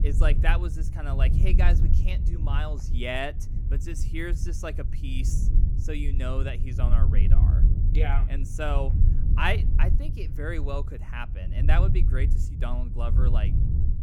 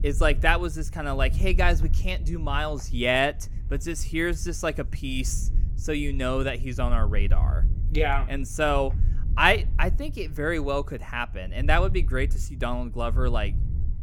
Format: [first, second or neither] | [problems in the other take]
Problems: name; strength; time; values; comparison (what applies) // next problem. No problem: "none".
second | low rumble; loud; throughout; 9 dB below the speech; faint in the second